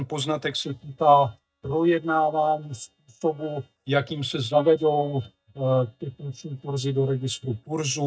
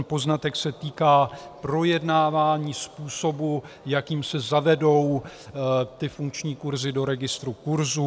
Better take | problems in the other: second | noise reduction (neural mask model DeepFilterNet 3)

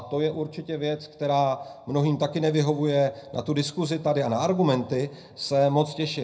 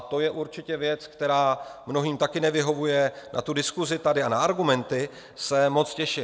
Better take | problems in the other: second | room echo; dies away in 0.3 s

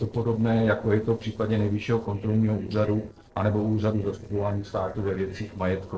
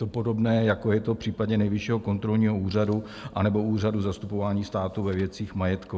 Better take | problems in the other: second | noise reduction (neural separator model SepFormer DNS4)

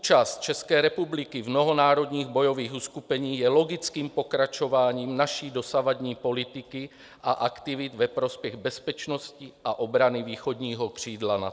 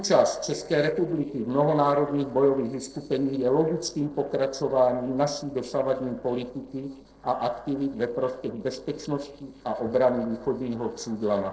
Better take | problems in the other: first | noise reduction (neural separator model SepFormer DNS4)

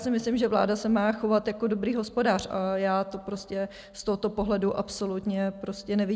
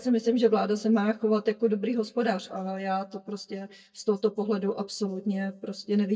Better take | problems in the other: first | noise reduction (neural mask model DeepFilterNet 3)

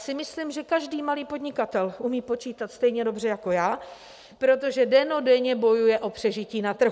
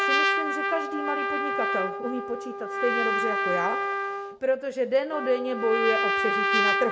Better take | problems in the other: first | background sound (Trumpet); 2 dB above the speech // room echo; dies away in 0.5 s

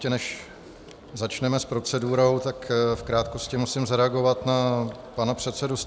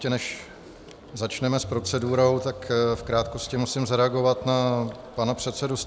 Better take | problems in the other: first | background sound (Tabla); 19 dB below the speech

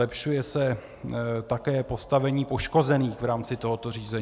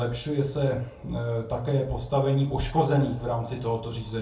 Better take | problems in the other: first | room echo; dies away in 0.3 s

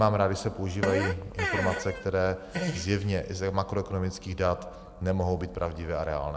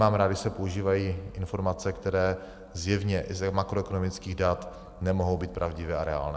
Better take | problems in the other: second | background sound (Fart); 5 dB below the speech

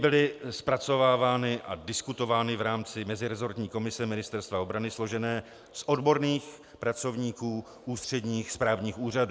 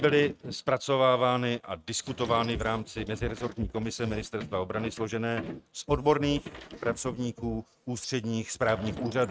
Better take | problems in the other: first | noise reduction (neural mask model RNNoise)

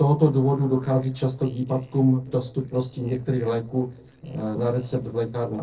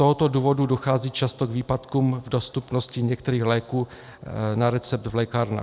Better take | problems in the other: second | noise reduction (neural separator model SepFormer DNS4)

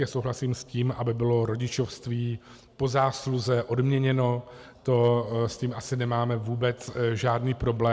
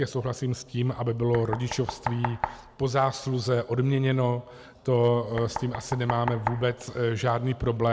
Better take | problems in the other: first | background sound (Knock); 11 dB below the speech

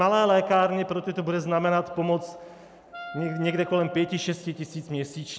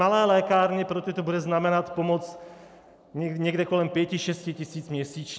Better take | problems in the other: second | background sound (Wind instrument, woodwind instrument); 15 dB below the speech

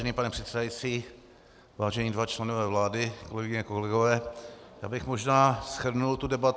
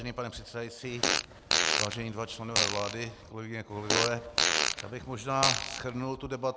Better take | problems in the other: first | background sound (Fart); 4 dB above the speech

